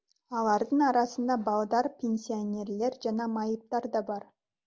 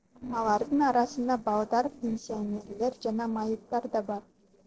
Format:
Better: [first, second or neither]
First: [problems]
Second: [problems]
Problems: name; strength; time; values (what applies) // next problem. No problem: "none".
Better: first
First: none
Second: noise reduction (neural separator model SepFormer DNS4)